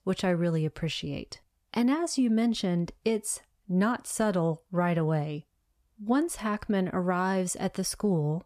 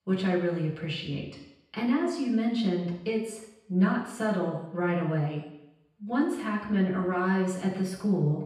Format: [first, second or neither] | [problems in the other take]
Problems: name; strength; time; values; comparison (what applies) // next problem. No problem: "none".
first | room echo; noticeable; dies away in 0.9 s // off-mic speech; far